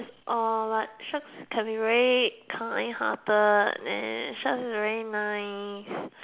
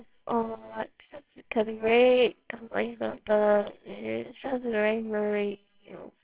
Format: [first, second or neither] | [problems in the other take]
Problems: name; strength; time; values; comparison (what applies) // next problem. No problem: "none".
first | noise reduction (neural separator model SepFormer WHAMR!)